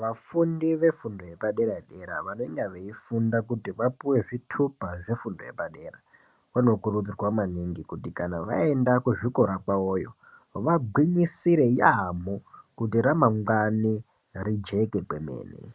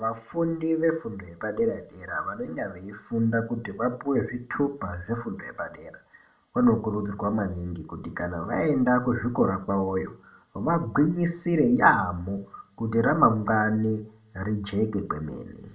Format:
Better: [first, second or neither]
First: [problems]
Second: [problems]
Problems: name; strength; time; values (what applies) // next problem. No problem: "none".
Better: first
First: none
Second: room echo; dies away in 0.3 s